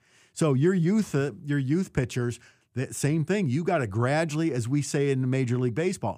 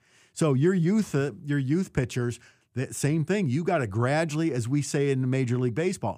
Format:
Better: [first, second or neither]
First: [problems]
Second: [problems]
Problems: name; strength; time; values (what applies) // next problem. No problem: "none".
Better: neither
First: none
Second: none